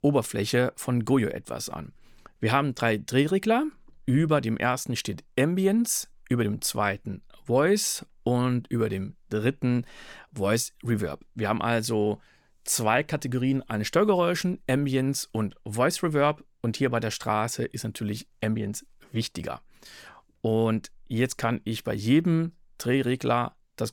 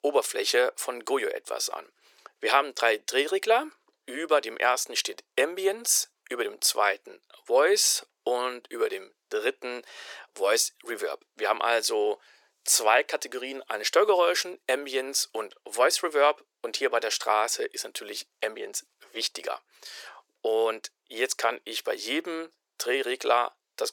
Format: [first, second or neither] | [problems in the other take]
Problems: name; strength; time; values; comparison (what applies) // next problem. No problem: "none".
first | thin; very; fading below 400 Hz